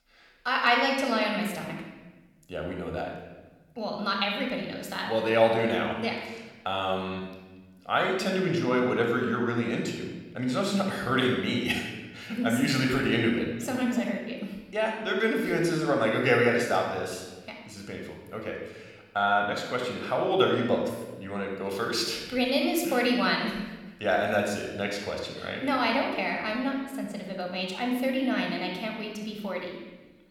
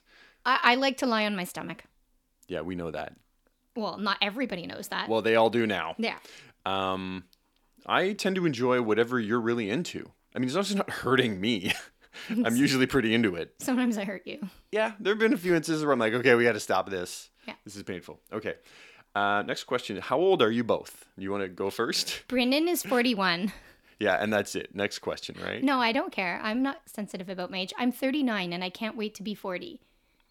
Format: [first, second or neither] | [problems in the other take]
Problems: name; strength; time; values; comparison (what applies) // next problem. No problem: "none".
second | room echo; noticeable; dies away in 1.1 s